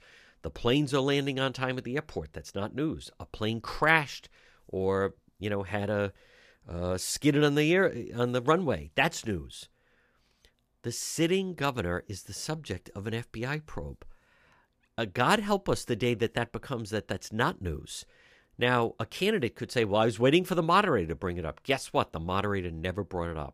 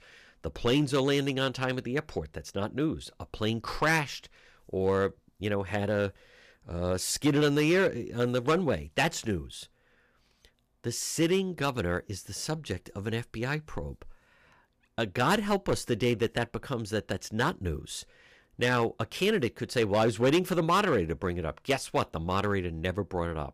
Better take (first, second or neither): first